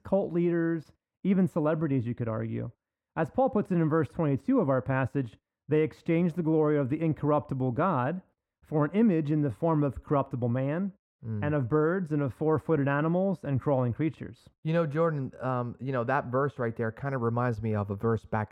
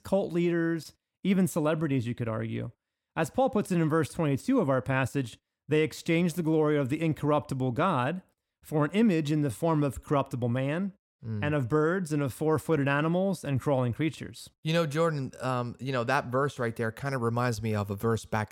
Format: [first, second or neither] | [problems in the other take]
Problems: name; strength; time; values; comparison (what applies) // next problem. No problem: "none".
second | muffled; very; fading above 3 kHz